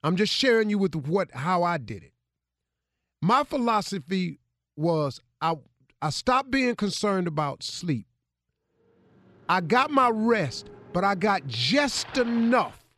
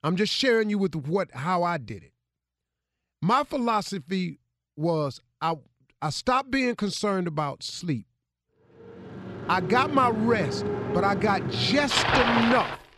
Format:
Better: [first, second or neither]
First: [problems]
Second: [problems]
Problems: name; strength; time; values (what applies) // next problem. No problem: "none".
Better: first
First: traffic noise; faint; from 9.5 s on; 20 dB below the speech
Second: traffic noise; loud; from 9.5 s on; 2 dB below the speech